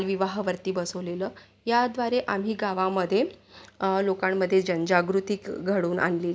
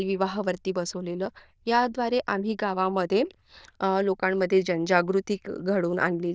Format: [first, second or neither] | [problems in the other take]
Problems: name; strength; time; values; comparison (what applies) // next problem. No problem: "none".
first | noise reduction (neural diffusion model UNIVERSE++)